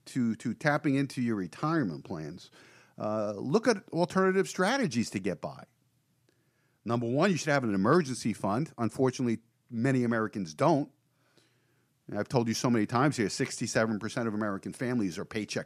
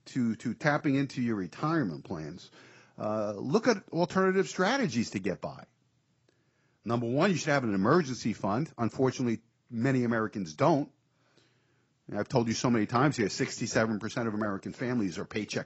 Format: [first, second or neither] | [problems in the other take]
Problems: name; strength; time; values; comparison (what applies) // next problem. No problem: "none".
first | garbled, watery; badly; nothing above 7.5 kHz